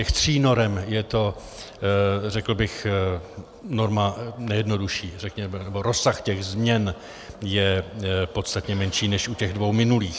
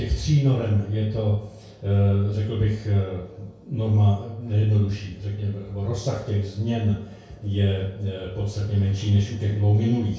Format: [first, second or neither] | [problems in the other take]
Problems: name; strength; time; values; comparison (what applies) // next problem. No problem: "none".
first | room echo; dies away in 0.6 s